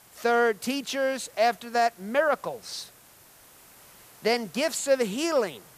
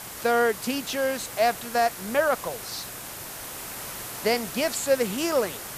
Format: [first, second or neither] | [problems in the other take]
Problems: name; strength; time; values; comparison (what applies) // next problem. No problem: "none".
first | hiss; loud; throughout; 10 dB below the speech; faint in the first